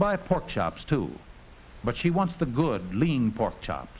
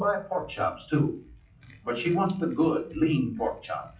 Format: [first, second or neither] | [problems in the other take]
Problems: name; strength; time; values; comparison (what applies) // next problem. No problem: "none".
first | noise reduction (classical method WPE with log-MMSE)